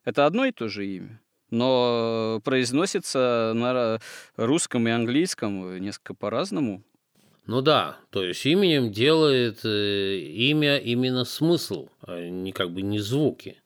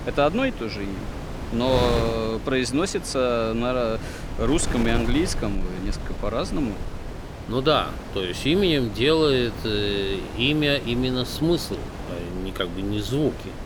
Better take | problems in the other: first | wind noise on the microphone; occasional gusts; 10 dB below the speech

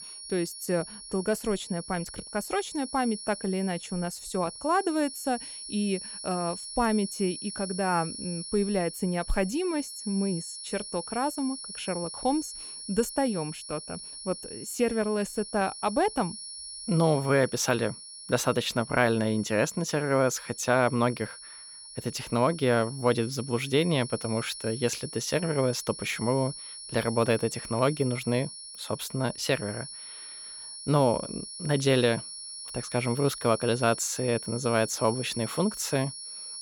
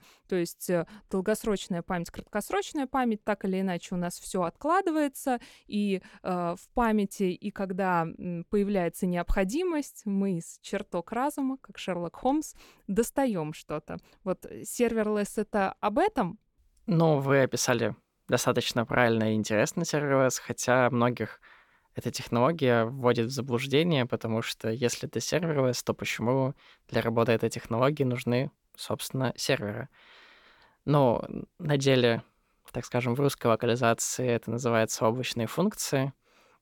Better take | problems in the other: second | high-pitched whine; noticeable; throughout; 10 kHz, 10 dB below the speech

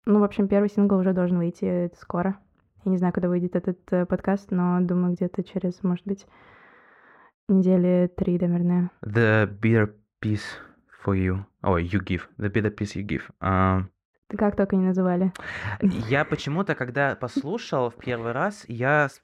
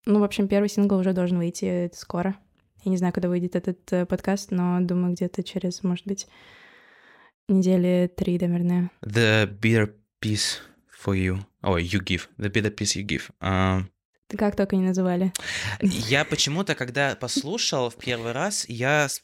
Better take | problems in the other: second | muffled; very; fading above 3 kHz

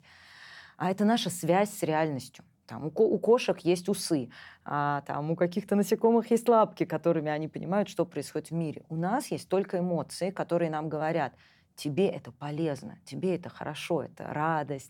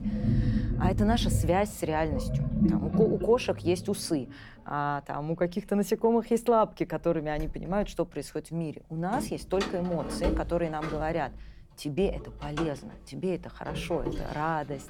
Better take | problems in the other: first | household noises; loud; throughout; 3 dB below the speech

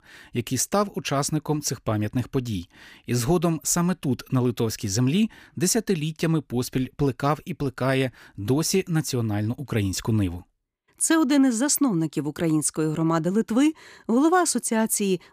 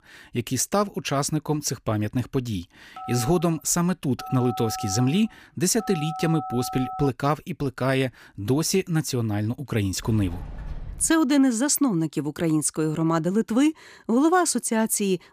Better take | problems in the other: first | phone ringing; noticeable; from 3 to 7 s; peak 9 dB below the speech // door banging; faint; from 10 to 11 s; peak 15 dB below the speech

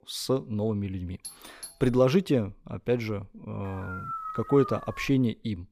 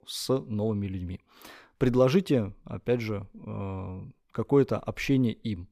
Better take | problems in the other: second | doorbell; faint; at 1 s; peak 15 dB below the speech // dog barking; noticeable; from 3.5 to 5 s; peak 7 dB below the speech

